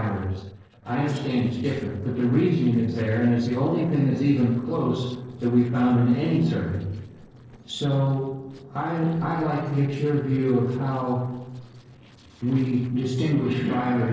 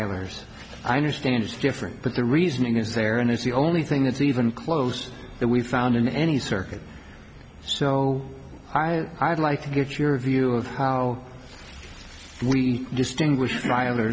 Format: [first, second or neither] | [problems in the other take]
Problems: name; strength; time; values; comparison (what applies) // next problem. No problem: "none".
second | noise reduction (neural separator model SepFormer DNS4)